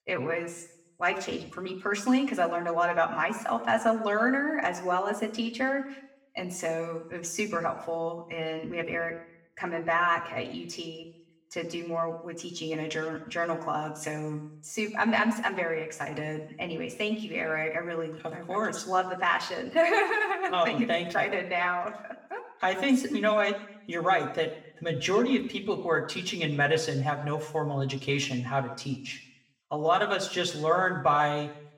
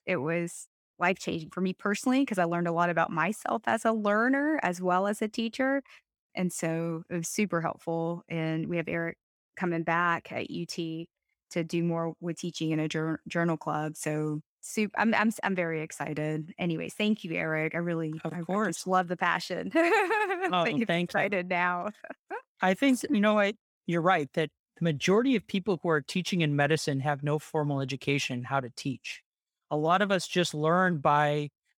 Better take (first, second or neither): second